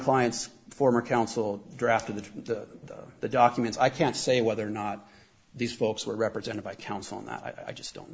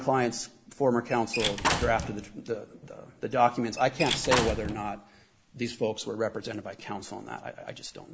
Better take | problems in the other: first | background sound (Squeak / Slam / Wood); 1 dB below the speech

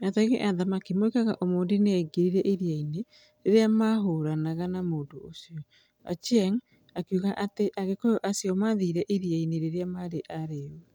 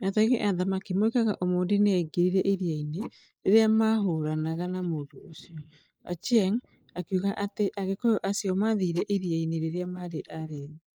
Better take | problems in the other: first | noise reduction (neural mask model Resemble Enhance denoiser)

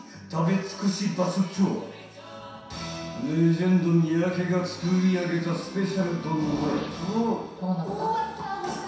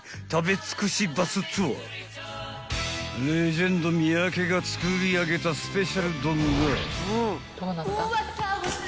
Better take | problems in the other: second | room echo; dies away in 0.7 s

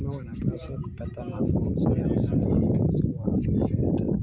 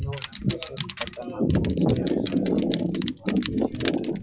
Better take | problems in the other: first | noise reduction (classical method log-MMSE)

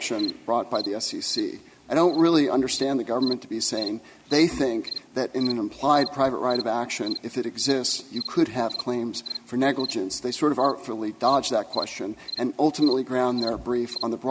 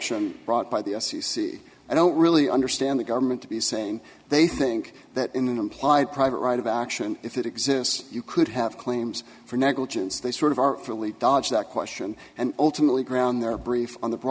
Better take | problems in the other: second | background sound (Cricket); 14 dB below the speech

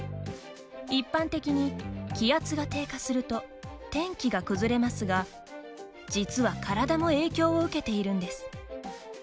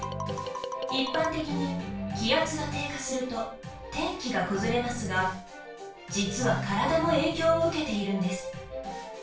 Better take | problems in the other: first | background sound (Marimba, xylophone); 8 dB below the speech // room echo; dies away in 0.3 s

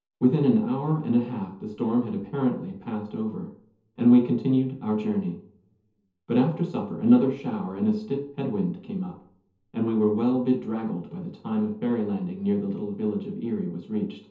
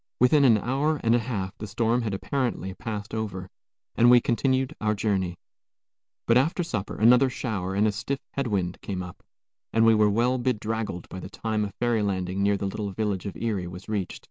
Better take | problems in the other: second | room echo; dies away in 0.5 s

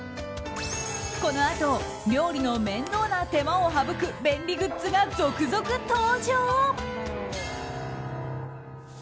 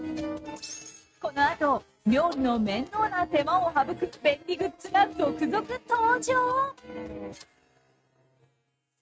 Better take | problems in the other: first | noise reduction (neural mask model RNNoise)

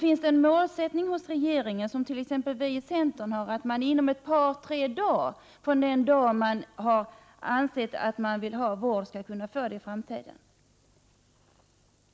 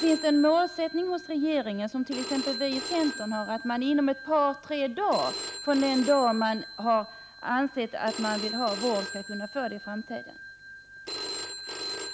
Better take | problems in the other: first | background sound (Telephone); 10 dB below the speech

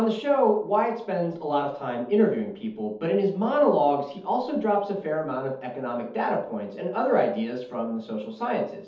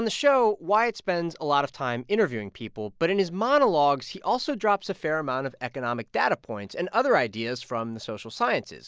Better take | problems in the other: second | room echo; dies away in 0.6 s

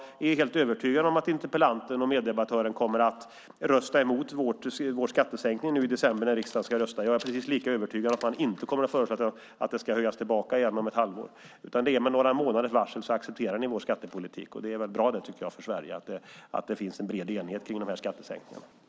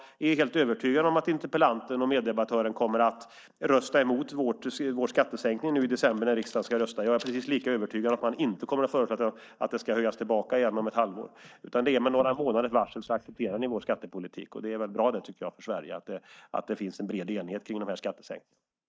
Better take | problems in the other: first | noise reduction (neural mask model DeepFilterNet 3)

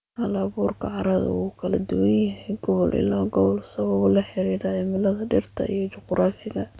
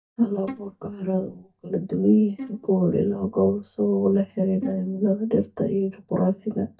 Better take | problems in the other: first | noise reduction (neural mask model DeepFilterNet 3)

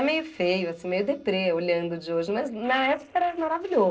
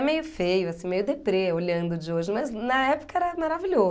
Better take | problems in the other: second | noise reduction (neural separator model SepFormer DNS4)

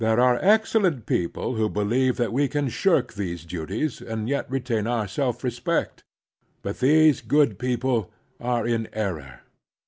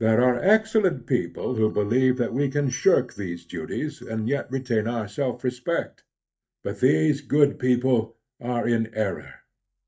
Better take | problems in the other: first | noise reduction (neural mask model DeepFilterNet 3)

